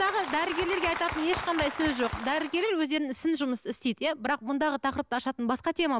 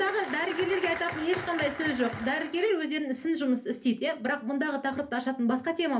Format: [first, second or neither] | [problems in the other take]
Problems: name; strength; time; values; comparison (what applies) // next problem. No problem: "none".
first | room echo; dies away in 0.3 s